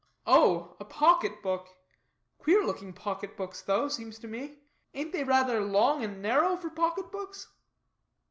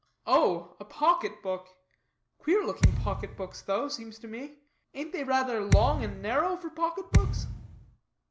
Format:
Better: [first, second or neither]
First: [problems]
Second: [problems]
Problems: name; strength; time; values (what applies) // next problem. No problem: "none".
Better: first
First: none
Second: background sound (Thump, thud); 3 dB above the speech